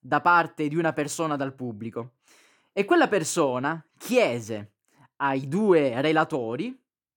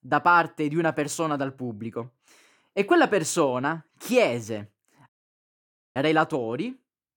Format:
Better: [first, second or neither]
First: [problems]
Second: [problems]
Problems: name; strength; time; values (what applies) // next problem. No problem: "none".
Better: first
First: none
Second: audio cutting out; at 5 s for 1 s